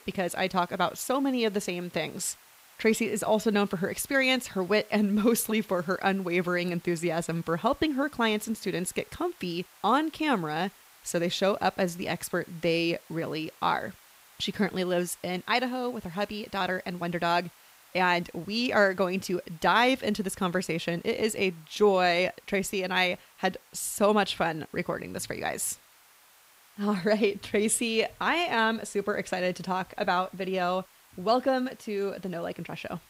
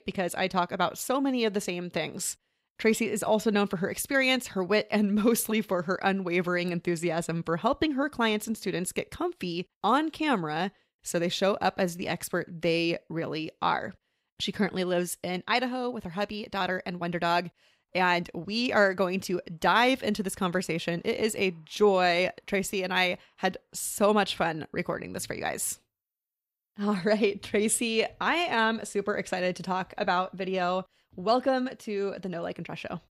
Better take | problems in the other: second | hiss; faint; throughout; 25 dB below the speech

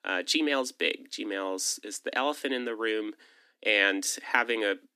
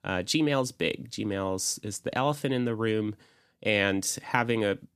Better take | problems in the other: second | thin; very slightly; fading below 250 Hz

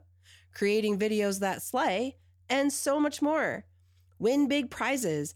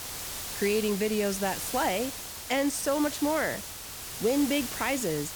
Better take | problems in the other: first | hiss; loud; throughout; 7 dB below the speech

